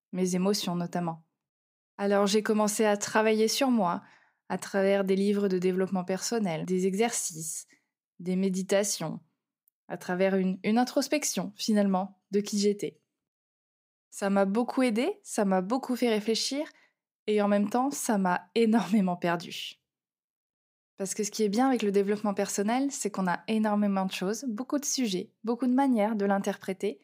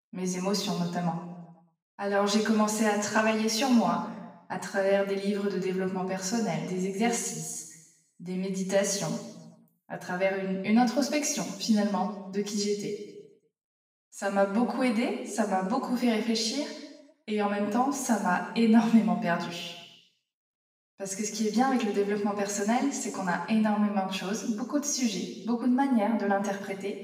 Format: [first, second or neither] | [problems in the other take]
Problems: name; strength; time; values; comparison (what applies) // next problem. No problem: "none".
first | room echo; noticeable; dies away in 1 s // off-mic speech; somewhat distant